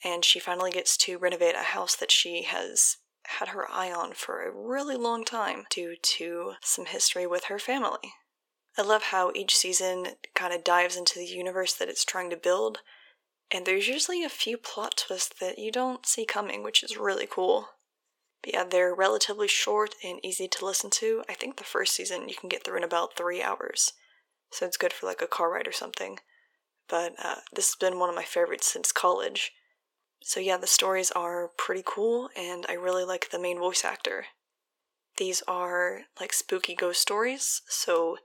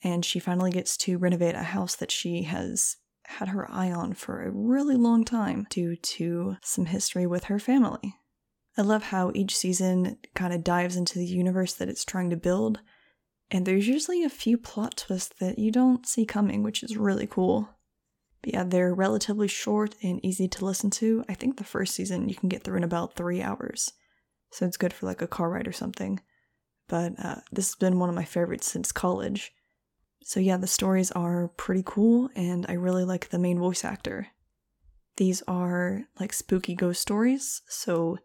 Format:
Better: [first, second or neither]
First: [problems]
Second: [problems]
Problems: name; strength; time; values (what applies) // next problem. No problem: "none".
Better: second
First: thin; very; fading below 450 Hz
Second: none